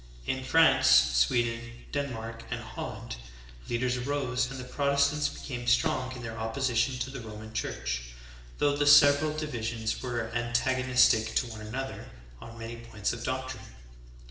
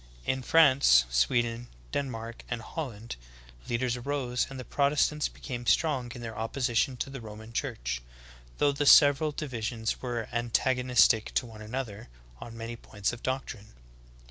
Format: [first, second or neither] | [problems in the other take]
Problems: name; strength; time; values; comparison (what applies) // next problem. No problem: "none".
second | background sound (Fireworks); 15 dB below the speech // room echo; dies away in 1 s